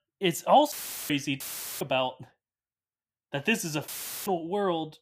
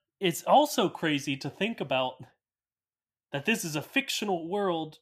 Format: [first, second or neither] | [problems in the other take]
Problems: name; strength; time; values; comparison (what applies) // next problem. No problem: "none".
second | audio cutting out; filled with static; at 0.5 s, at 1.5 s and at 4 s